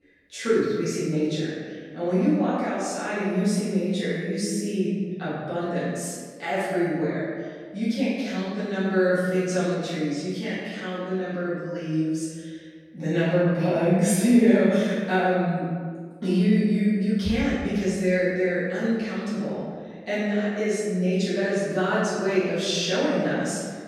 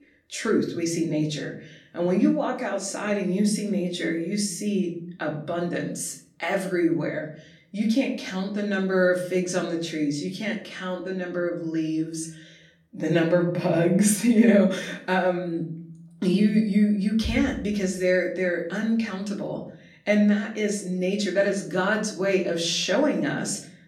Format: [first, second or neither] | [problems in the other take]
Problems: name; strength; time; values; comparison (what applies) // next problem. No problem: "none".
second | room echo; strong; dies away in 1.6 s; slight in the second // off-mic speech; far; far in the second